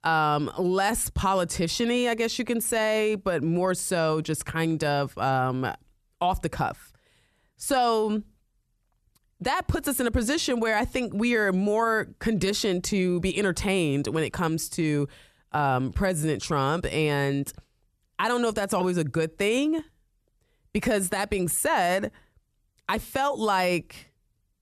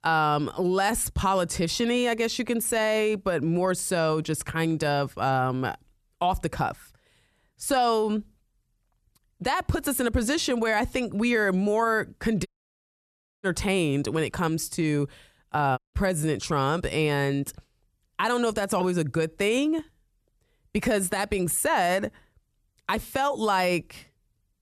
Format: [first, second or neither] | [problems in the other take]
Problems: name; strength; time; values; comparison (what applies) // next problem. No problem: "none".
first | audio cutting out; at 12 s for 1 s and at 16 s